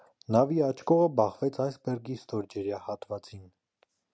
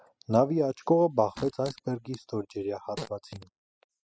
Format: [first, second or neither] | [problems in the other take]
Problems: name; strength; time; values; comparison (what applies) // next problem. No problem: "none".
first | noise reduction (classical method spectral subtraction)